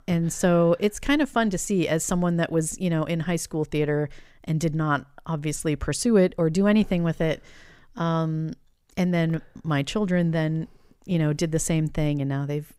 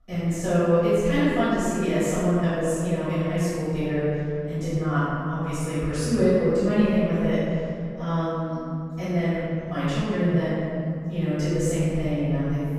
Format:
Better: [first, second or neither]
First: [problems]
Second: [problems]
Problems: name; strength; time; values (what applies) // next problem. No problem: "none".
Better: first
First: none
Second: off-mic speech; far // room echo; strong; dies away in 2.3 s